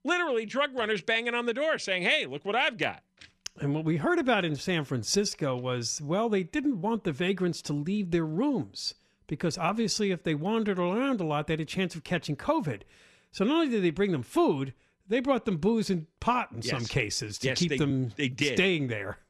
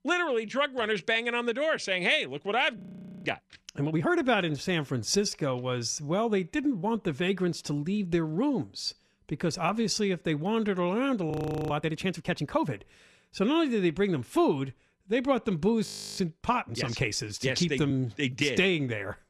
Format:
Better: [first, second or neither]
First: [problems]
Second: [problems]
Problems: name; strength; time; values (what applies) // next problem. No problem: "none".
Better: first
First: none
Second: audio freezing; at 3 s, at 11 s and at 16 s